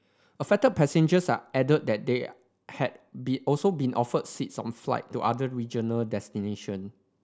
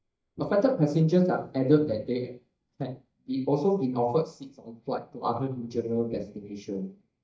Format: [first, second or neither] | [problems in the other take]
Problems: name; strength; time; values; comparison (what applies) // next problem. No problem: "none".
first | noise reduction (neural mask model DeepFilterNet 3)